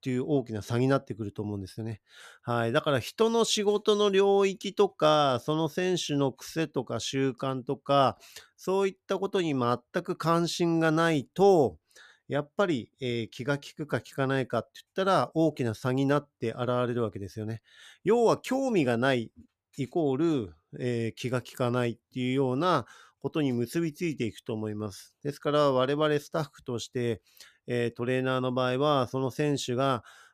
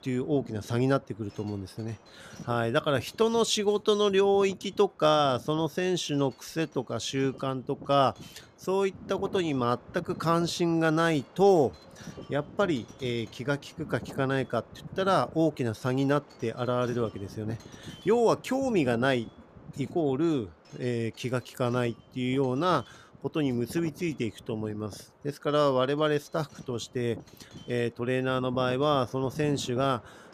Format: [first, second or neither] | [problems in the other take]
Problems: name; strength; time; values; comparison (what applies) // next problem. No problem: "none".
first | wind noise on the microphone; occasional gusts; 20 dB below the speech